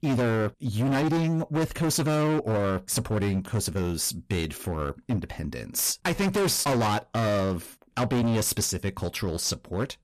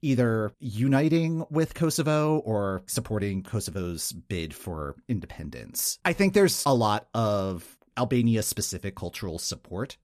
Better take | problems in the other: second | distortion; heavy; 21% of the sound clipped

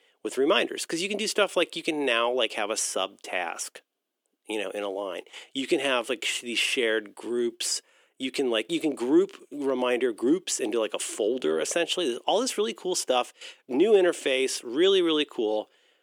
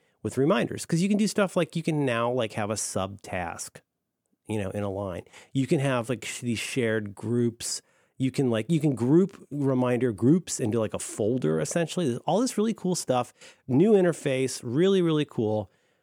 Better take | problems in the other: second | thin; somewhat; fading below 350 Hz

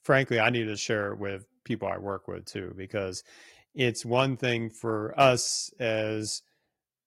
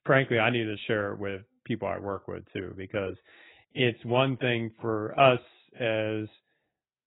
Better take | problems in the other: first | garbled, watery; badly; nothing above 3.5 kHz; slightly in the first

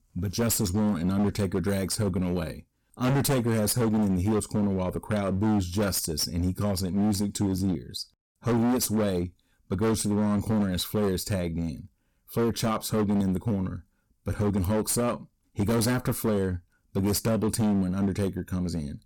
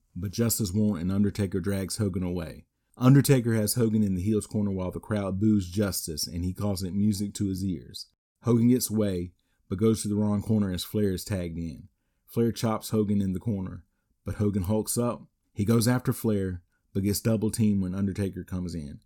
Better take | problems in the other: second | distortion; heavy; 20% of the sound clipped

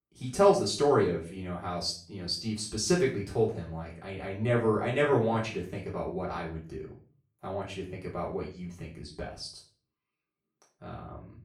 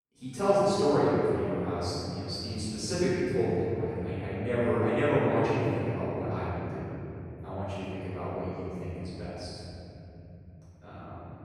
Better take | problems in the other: first | room echo; strong; dies away in 3 s; slight in the first // off-mic speech; far; far in the first

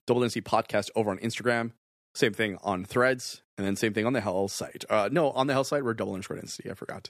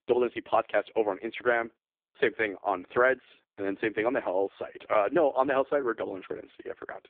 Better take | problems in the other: first | phone-call audio; poor line

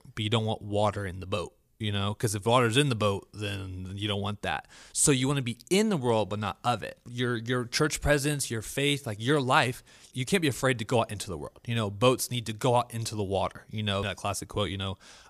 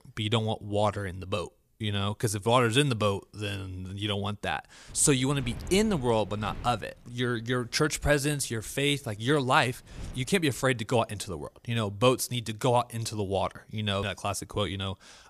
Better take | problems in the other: first | wind noise on the microphone; occasional gusts; from 5 to 10 s; 20 dB below the speech

